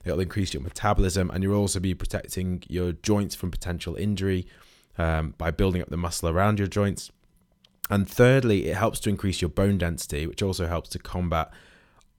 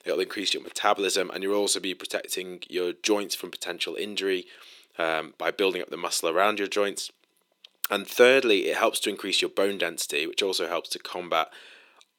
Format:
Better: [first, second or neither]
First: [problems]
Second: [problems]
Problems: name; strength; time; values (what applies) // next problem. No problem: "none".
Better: first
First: none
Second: thin; very; fading below 350 Hz